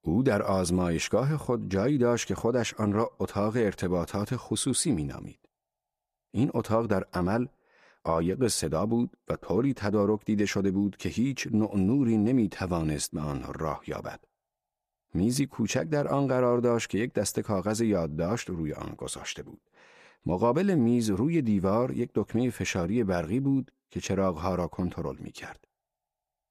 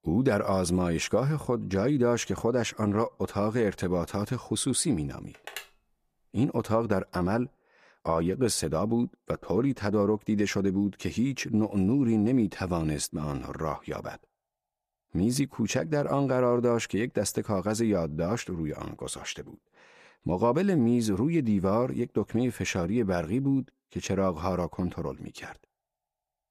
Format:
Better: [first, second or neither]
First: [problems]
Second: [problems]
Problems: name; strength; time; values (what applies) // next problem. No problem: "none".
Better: first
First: none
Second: phone ringing; faint; at 5.5 s; peak 15 dB below the speech